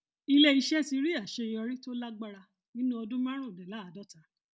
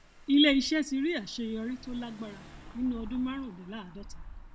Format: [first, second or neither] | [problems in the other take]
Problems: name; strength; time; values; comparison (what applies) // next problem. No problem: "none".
first | background sound (Engine / Car); 16 dB below the speech